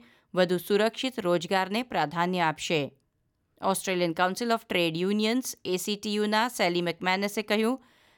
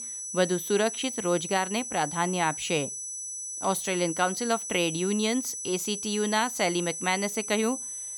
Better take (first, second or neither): first